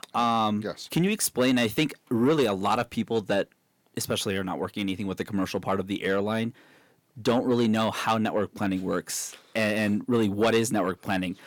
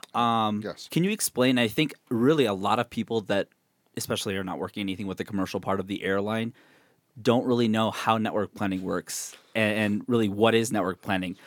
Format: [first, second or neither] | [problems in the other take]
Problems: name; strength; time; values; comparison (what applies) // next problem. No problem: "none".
second | distortion; slight; 10 dB below the speech